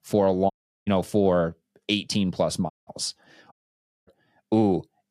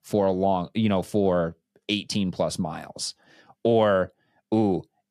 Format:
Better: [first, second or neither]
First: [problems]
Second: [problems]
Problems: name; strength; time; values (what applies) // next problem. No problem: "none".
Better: second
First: audio cutting out; at 0.5 s, at 2.5 s and at 3.5 s for 0.5 s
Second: none